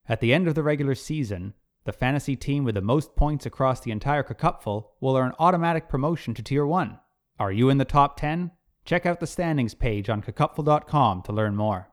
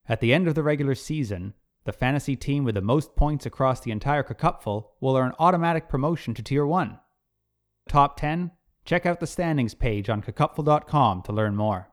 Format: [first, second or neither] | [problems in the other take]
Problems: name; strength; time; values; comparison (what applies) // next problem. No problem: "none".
first | audio freezing; at 7.5 s for 0.5 s